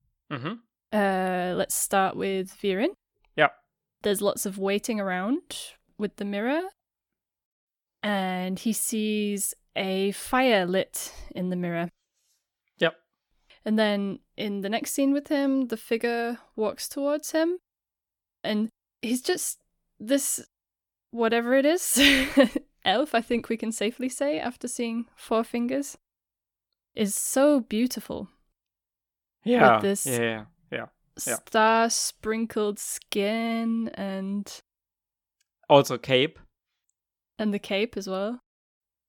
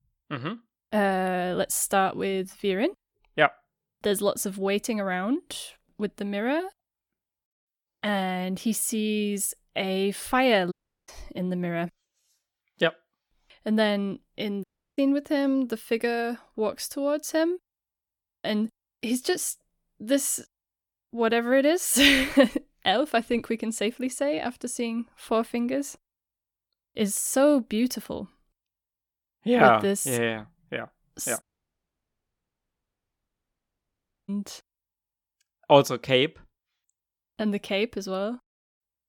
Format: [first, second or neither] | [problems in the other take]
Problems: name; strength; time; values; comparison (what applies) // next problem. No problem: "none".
first | audio cutting out; at 11 s, at 15 s and at 31 s for 3 s